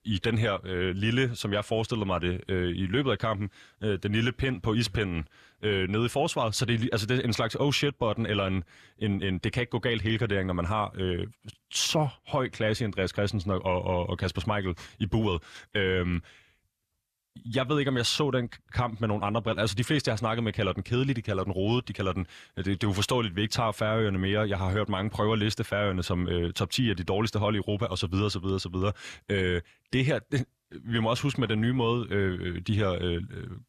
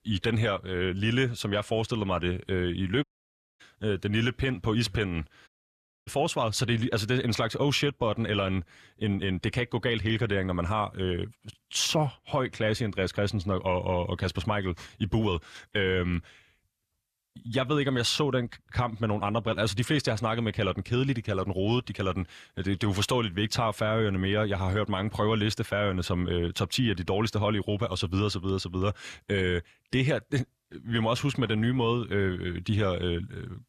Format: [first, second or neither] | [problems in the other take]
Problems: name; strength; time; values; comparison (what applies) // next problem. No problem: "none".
first | audio cutting out; at 3 s for 0.5 s and at 5.5 s for 0.5 s